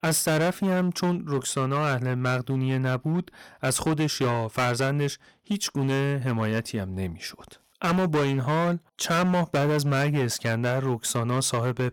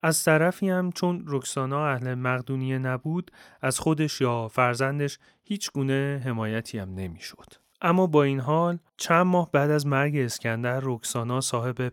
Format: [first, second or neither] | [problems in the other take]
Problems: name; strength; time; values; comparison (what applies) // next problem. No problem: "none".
second | distortion; heavy; 15% of the sound clipped